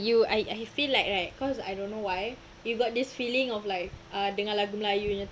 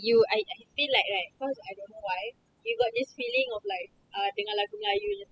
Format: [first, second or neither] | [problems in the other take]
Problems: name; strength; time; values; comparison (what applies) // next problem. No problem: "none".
first | noise reduction (classical method spectral subtraction)